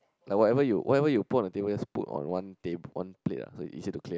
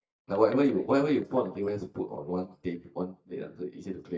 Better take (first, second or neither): first